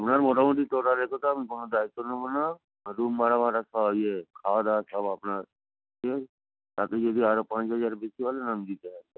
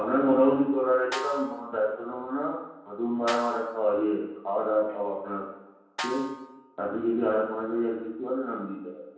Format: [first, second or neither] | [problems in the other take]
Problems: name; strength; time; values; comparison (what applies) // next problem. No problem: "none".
first | background sound (Snare drum); 13 dB below the speech // room echo; dies away in 0.9 s